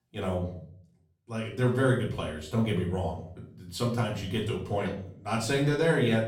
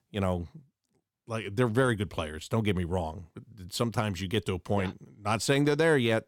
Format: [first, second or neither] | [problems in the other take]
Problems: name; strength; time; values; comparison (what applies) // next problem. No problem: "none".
second | off-mic speech; far // room echo; slight; dies away in 0.5 s